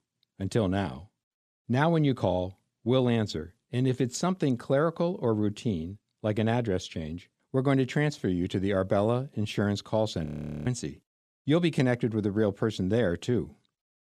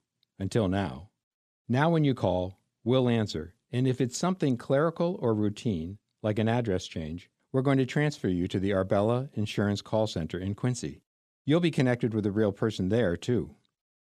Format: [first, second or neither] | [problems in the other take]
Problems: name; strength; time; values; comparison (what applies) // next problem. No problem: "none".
second | audio freezing; at 10 s